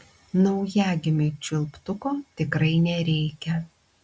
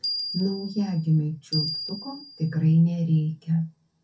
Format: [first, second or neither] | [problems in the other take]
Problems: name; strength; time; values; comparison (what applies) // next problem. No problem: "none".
first | background sound (Bell); 9 dB below the speech // room echo; dies away in 0.3 s